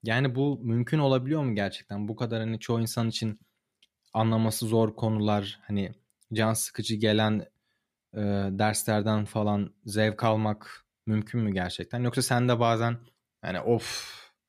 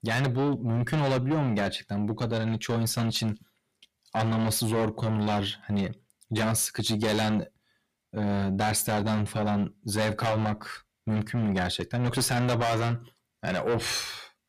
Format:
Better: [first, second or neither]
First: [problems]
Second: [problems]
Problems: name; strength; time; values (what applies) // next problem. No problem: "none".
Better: first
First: none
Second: distortion; heavy; 5 dB below the speech